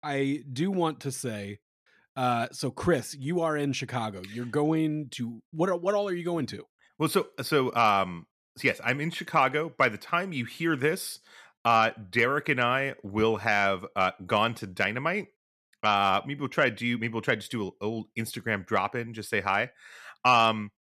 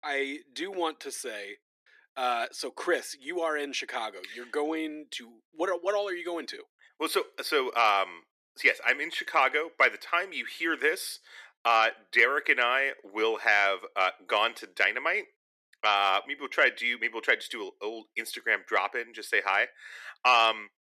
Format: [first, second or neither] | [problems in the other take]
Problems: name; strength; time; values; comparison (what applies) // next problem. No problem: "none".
first | thin; very; fading below 350 Hz